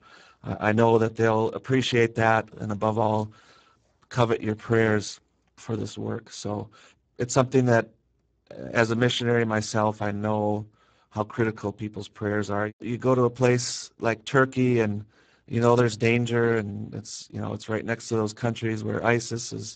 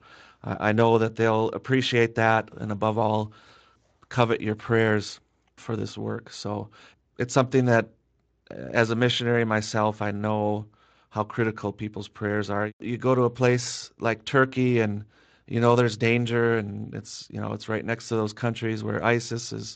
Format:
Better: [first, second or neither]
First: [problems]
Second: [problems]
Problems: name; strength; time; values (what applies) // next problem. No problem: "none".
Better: second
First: garbled, watery; badly; nothing above 8 kHz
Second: garbled, watery; slightly; nothing above 7.5 kHz